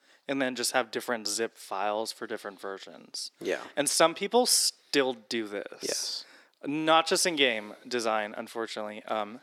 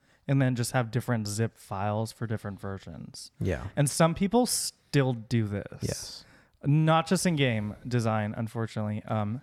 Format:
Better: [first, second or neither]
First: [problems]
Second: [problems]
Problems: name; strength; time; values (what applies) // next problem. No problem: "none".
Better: second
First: thin; somewhat; fading below 300 Hz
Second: none